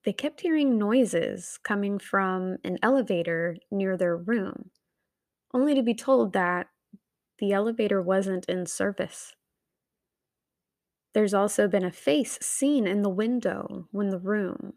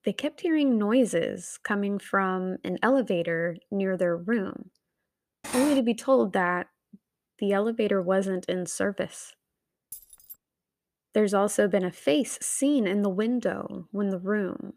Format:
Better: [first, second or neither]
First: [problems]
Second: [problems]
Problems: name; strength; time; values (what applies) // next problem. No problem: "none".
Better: first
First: none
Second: clattering dishes; noticeable; at 5.5 s; peak 6 dB below the speech // jangling keys; faint; at 10 s; peak 15 dB below the speech